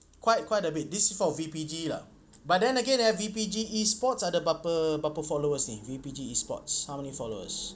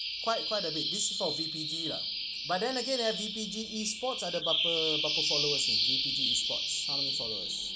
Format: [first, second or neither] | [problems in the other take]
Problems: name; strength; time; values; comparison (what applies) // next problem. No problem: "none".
first | background sound (Bird vocalization, bird call, bird song); 3 dB above the speech